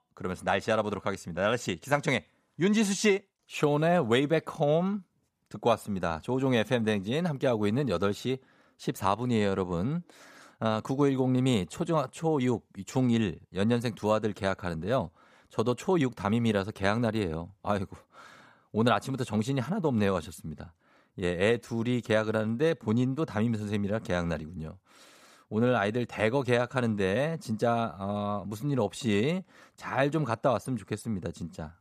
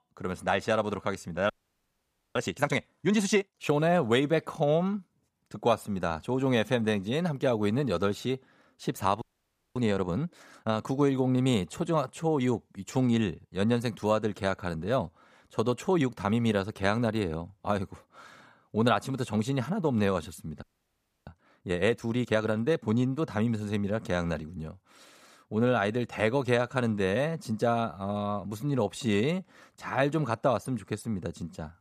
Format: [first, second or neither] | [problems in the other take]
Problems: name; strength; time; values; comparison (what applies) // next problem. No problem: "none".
first | audio freezing; at 1.5 s for 1 s, at 9 s for 0.5 s and at 21 s for 0.5 s